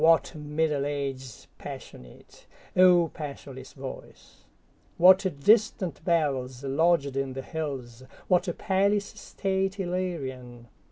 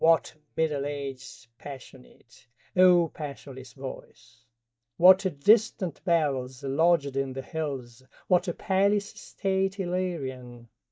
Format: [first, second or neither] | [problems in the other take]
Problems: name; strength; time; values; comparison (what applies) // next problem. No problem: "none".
first | noise reduction (neural mask model DeepFilterNet 3)